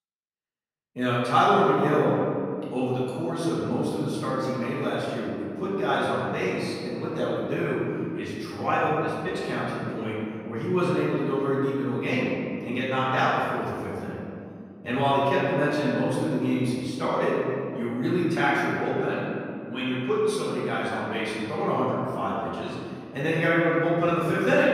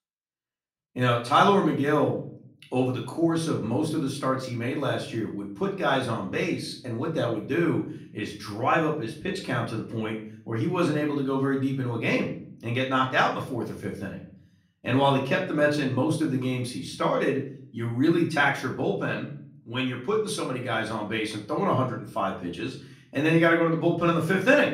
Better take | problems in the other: second | room echo; strong; dies away in 2.4 s; slight in the second // off-mic speech; far; far in the second

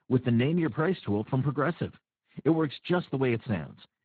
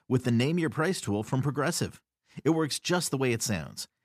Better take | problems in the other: second | garbled, watery; badly; nothing above 4 kHz

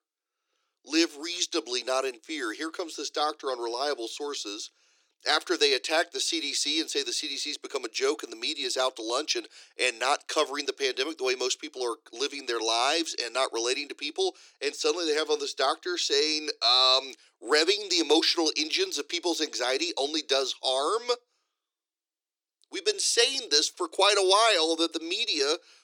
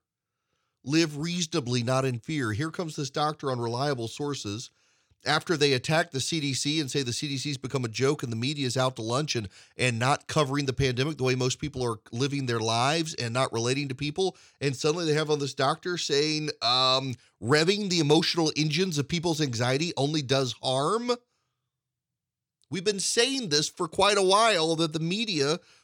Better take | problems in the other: second | thin; very; fading below 300 Hz

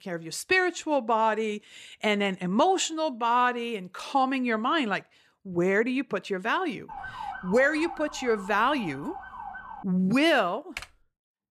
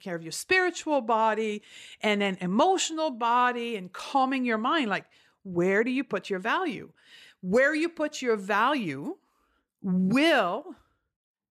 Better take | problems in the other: second | siren; faint; from 7 to 10 s; peak 10 dB below the speech // keyboard typing; faint; at 11 s; peak 15 dB below the speech

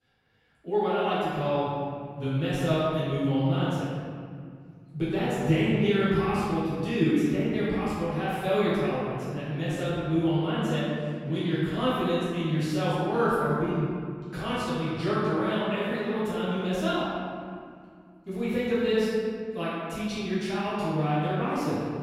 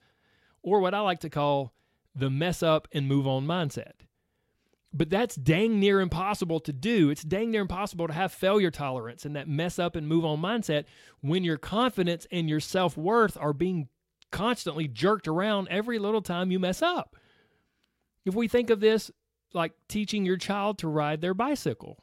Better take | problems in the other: second | room echo; strong; dies away in 2 s // off-mic speech; far

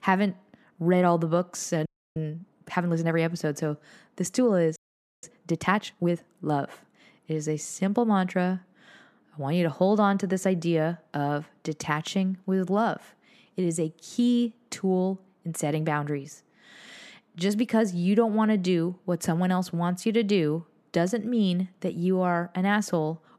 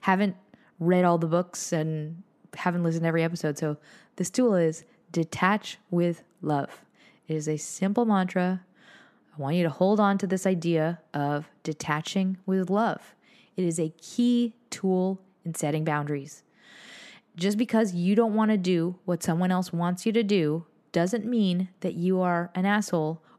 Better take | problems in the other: second | audio freezing; at 2 s and at 5 s

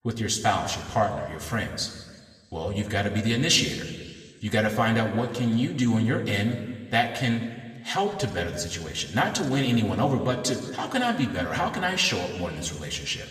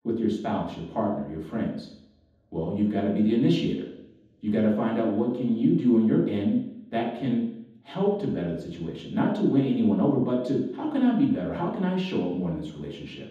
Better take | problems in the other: first | room echo; strong; dies away in 0.9 s; slight in the first // off-mic speech; far; somewhat distant in the first

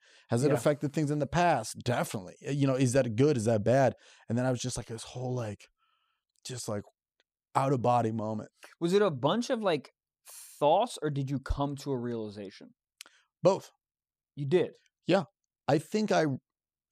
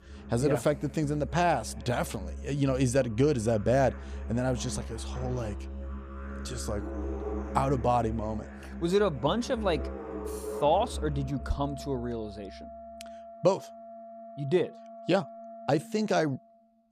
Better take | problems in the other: first | background music; noticeable; throughout; 10 dB below the speech

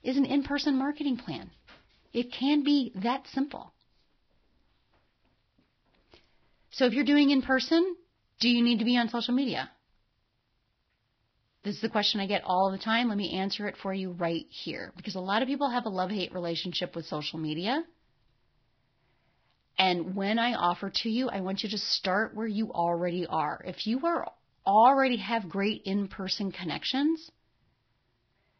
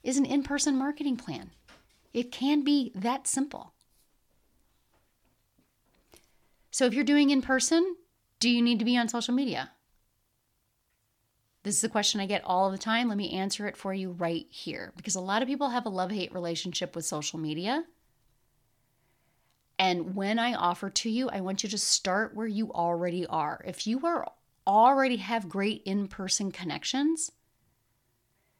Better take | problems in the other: second | garbled, watery; badly; nothing above 5.5 kHz

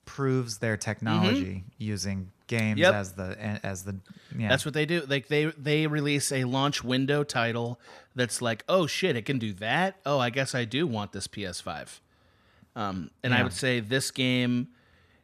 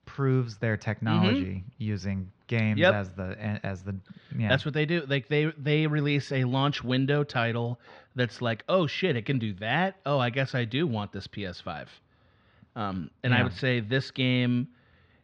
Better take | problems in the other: first | muffled; slightly; fading above 4 kHz

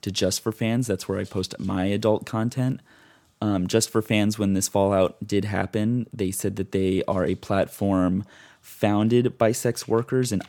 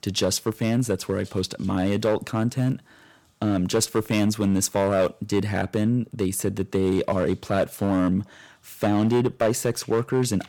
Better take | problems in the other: first | distortion; slight; 5% of the sound clipped

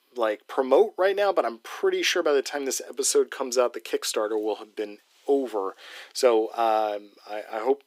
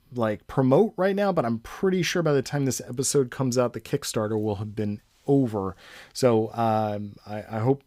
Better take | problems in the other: second | thin; somewhat; fading below 350 Hz

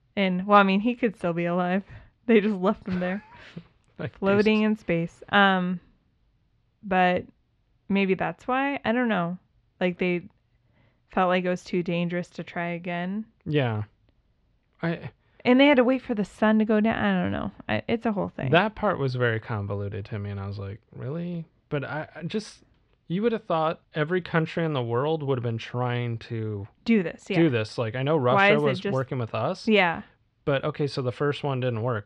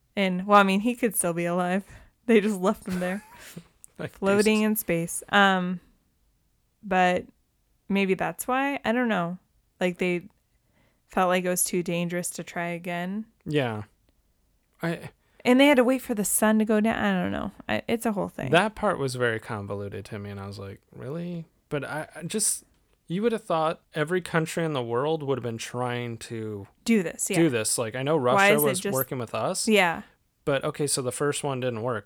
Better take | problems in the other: second | muffled; slightly; fading above 4 kHz

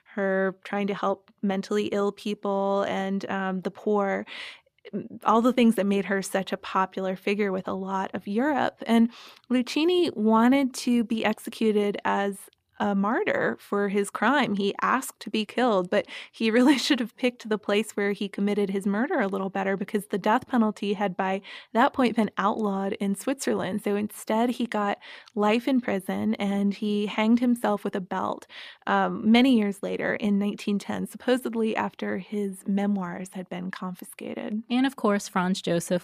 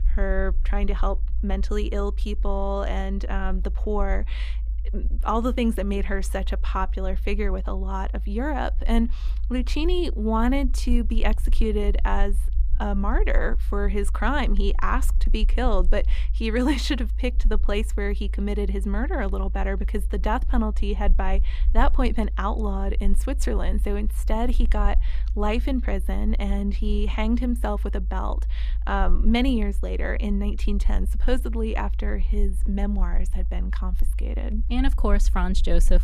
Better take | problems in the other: first | low rumble; faint; throughout; 20 dB below the speech

